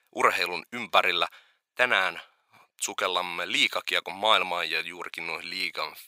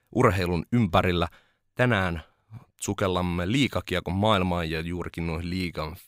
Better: second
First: thin; very; fading below 750 Hz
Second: none

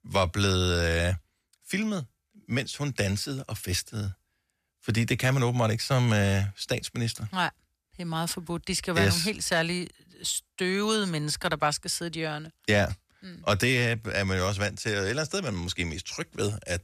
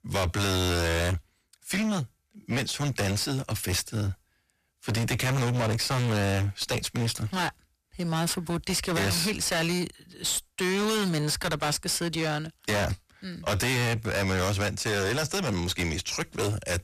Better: first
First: none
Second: distortion; heavy; 30% of the sound clipped

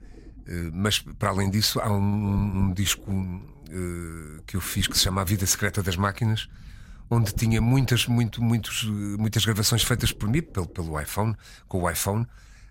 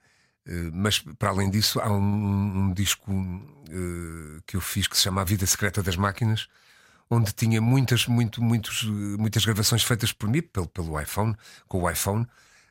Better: second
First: low rumble; faint; throughout; 20 dB below the speech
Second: none

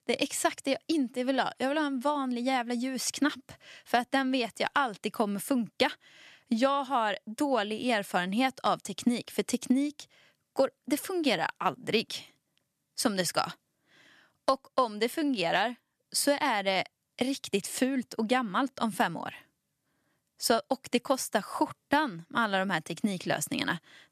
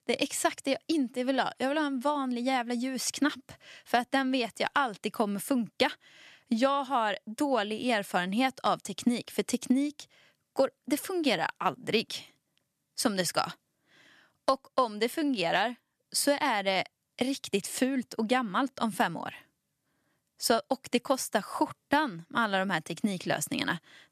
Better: neither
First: none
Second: none

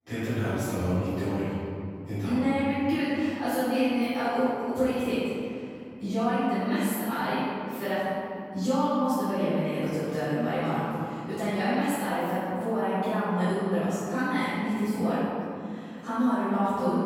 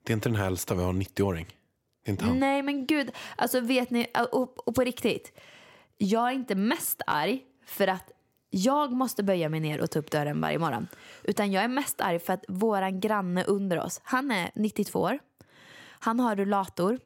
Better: second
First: off-mic speech; far // room echo; strong; dies away in 2.6 s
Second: none

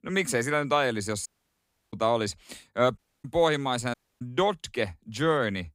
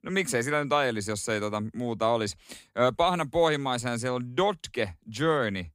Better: second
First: audio cutting out; at 1.5 s for 0.5 s, at 3 s and at 4 s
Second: none

